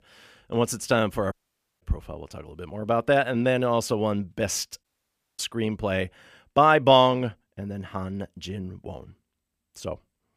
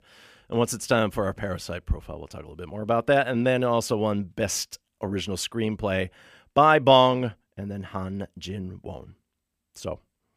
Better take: second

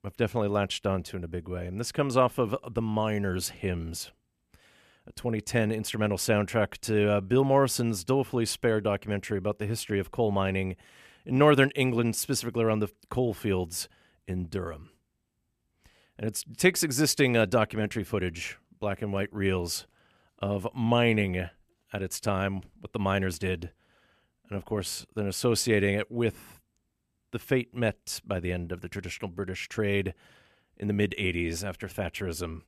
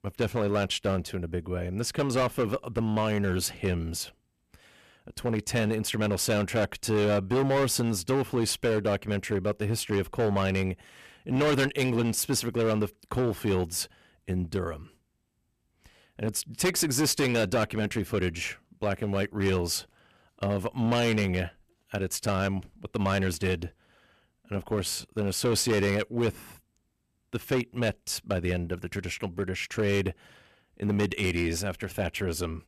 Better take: first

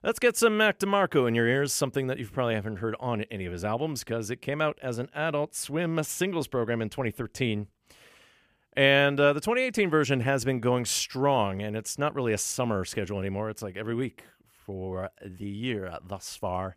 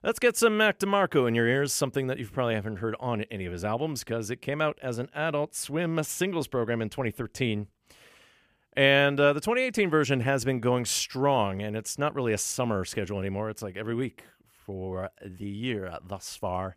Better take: neither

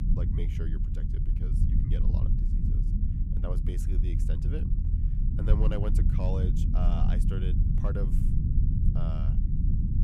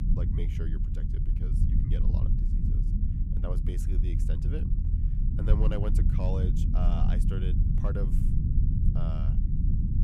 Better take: neither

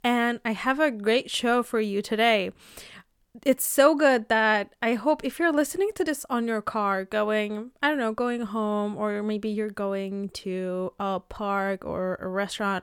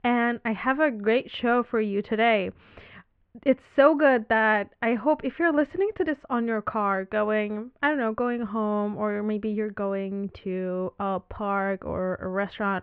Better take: first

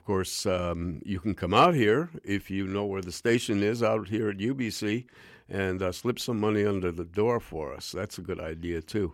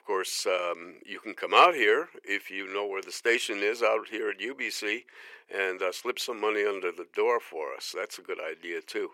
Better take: first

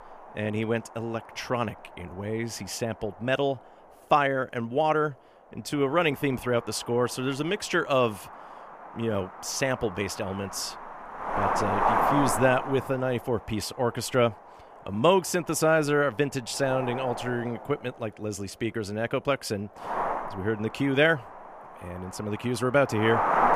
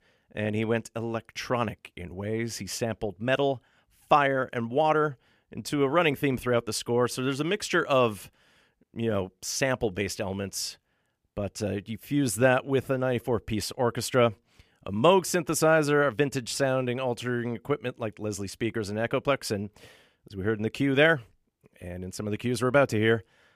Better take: second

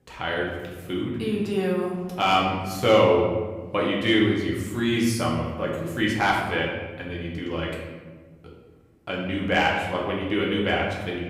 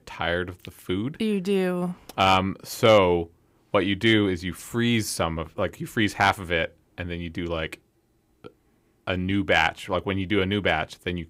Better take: second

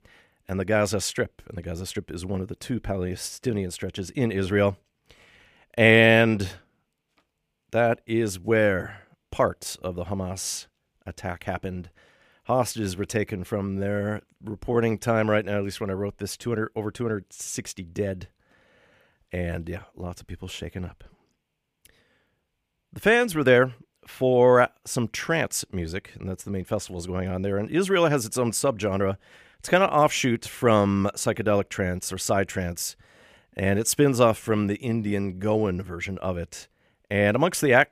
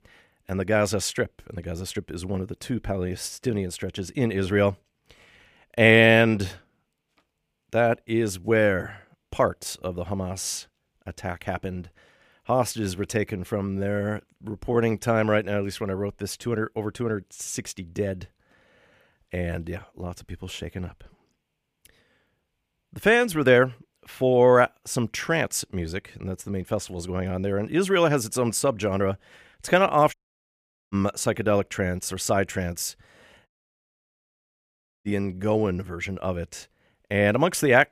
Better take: first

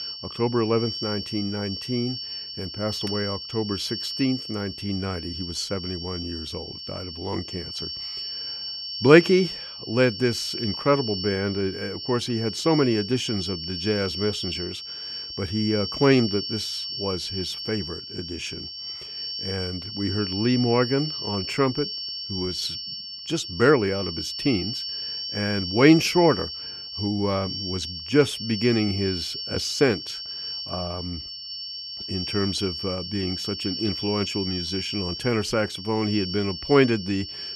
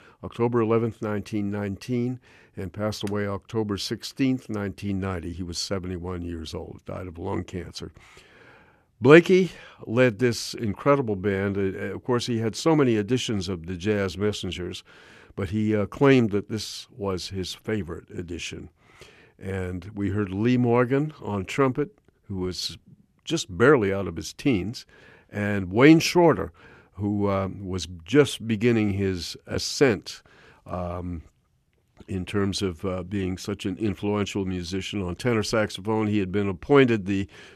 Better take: second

